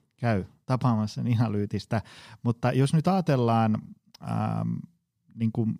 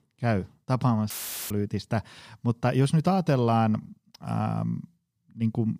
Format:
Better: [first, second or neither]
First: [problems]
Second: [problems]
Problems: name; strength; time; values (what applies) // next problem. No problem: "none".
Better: first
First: none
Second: audio cutting out; filled with static; at 1 s